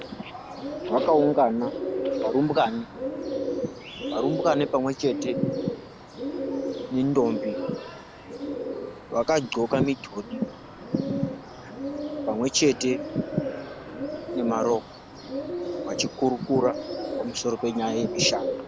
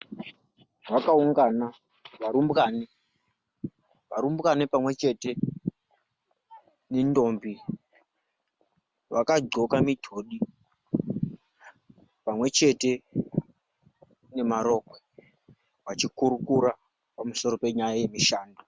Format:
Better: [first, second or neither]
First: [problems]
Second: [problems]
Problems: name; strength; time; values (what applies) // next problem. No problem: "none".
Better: second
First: background sound (Bird); 5 dB below the speech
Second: none